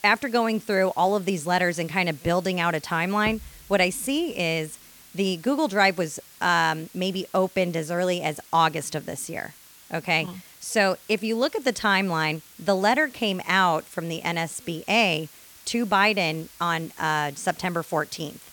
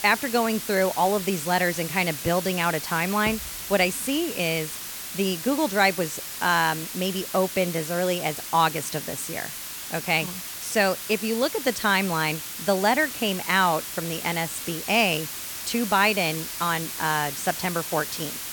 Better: first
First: hiss; faint; throughout; 20 dB below the speech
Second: hiss; loud; throughout; 7 dB below the speech

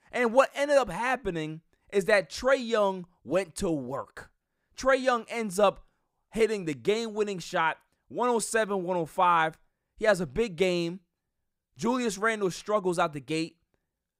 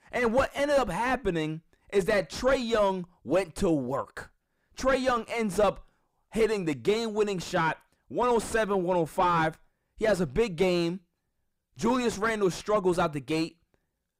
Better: first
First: none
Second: distortion; heavy; 7 dB below the speech

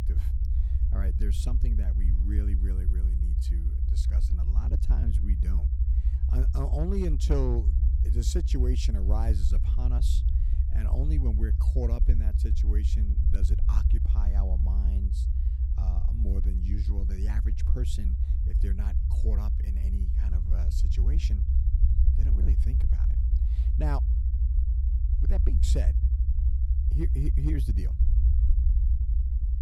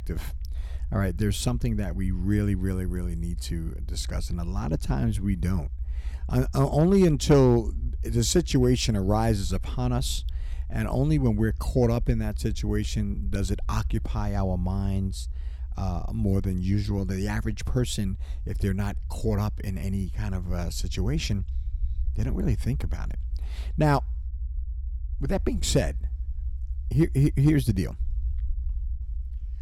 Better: second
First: low rumble; loud; throughout; 4 dB below the speech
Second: low rumble; faint; throughout; 25 dB below the speech

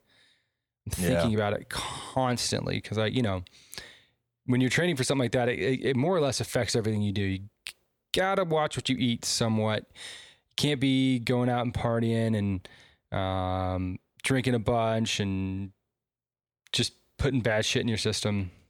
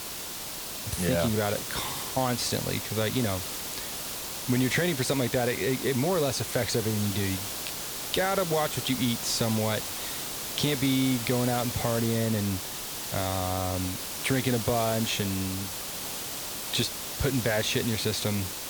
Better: first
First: none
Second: hiss; loud; throughout; 4 dB below the speech

